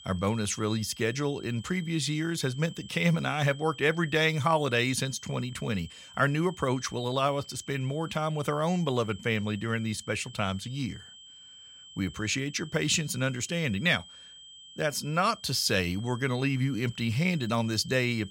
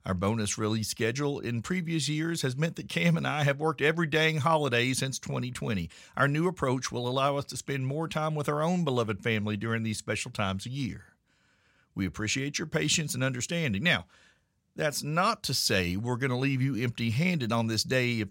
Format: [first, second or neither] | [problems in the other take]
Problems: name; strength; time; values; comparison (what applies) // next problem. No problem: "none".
second | high-pitched whine; noticeable; throughout; 3 kHz, 20 dB below the speech